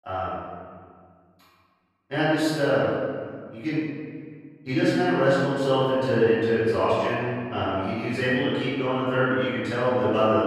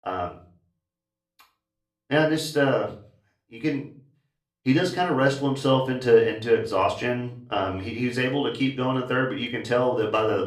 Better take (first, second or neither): second